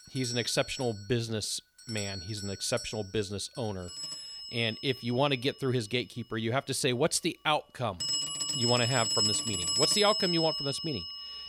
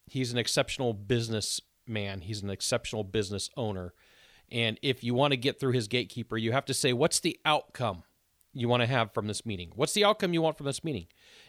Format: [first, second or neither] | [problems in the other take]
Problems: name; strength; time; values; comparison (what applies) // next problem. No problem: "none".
second | alarms or sirens; loud; throughout; as loud as the speech